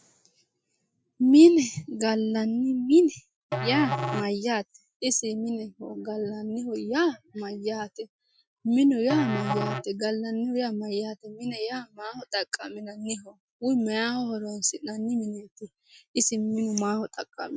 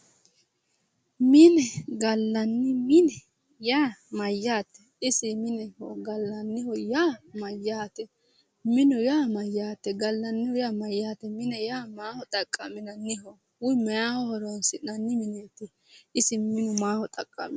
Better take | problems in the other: second | noise reduction (classical method Wiener filter)

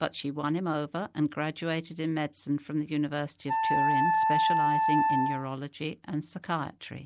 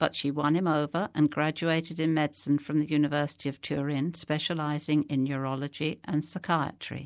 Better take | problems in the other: second | background sound (Wind instrument, woodwind instrument); 4 dB above the speech

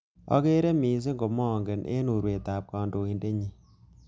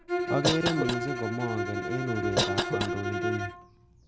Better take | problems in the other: first | background sound (Cough + Bowed string instrument); 2 dB above the speech

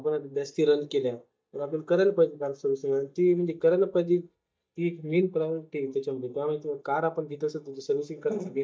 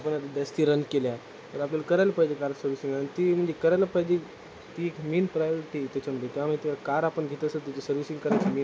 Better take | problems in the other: second | noise reduction (neural mask model DeepFilterNet 3)

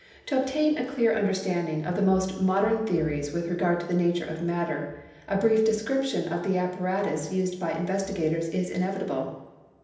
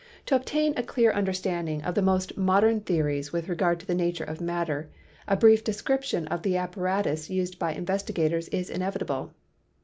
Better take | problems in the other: second | room echo; dies away in 0.9 s

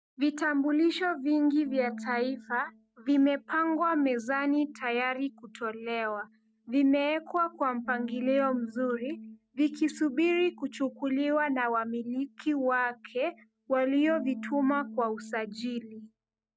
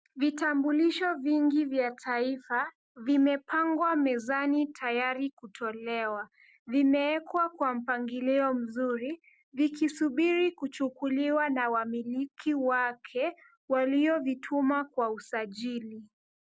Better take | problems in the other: second | noise reduction (neural mask model DeepFilterNet 3)

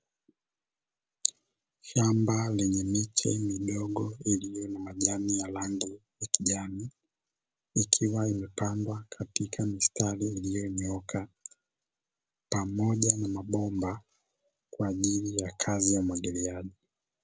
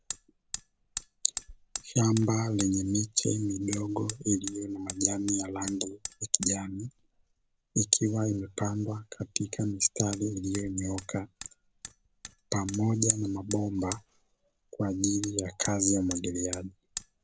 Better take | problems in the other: first | background sound (Hammer); 13 dB below the speech

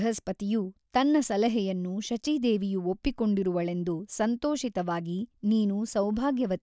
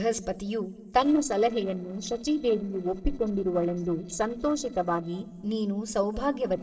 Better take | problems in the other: first | noise reduction (neural separator model SepFormer DNS4)

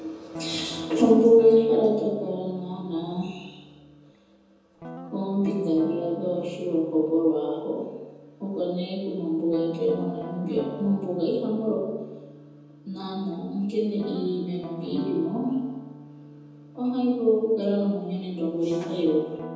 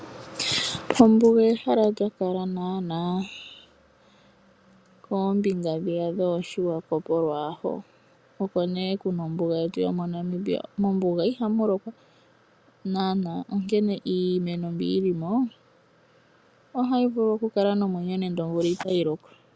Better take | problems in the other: second | background sound (Guitar); 16 dB below the speech // room echo; dies away in 1.1 s

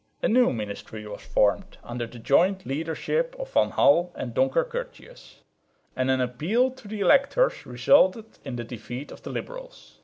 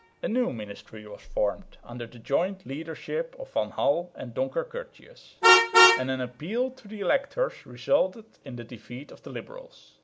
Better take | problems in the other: first | background sound (Vehicle horn, car horn, honking); as loud as the speech

